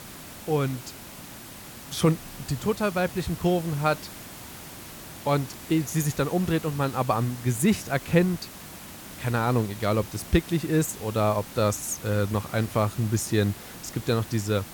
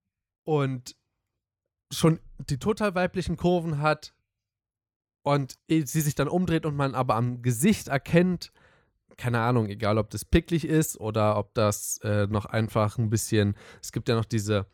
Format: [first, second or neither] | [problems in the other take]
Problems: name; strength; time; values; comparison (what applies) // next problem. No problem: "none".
second | hiss; noticeable; throughout; 15 dB below the speech